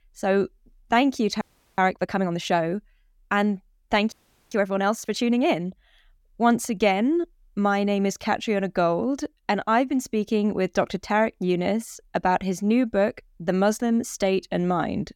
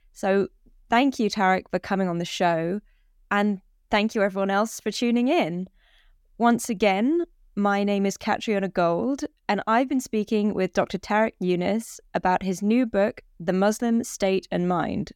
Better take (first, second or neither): second